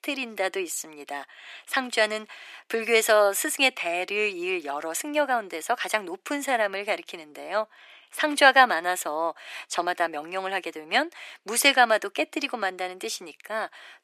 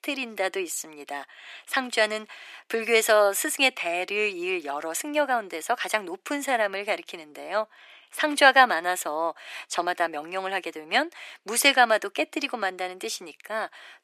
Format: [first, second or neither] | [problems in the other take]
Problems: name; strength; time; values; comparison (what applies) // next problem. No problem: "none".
neither | thin; very; fading below 350 Hz; the same in both